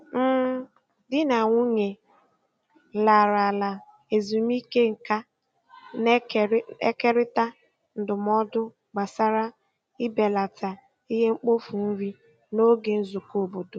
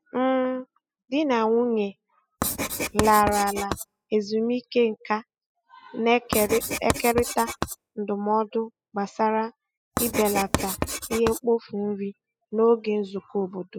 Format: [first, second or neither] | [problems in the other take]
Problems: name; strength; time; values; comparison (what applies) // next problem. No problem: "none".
first | noise reduction (classical method spectral subtraction)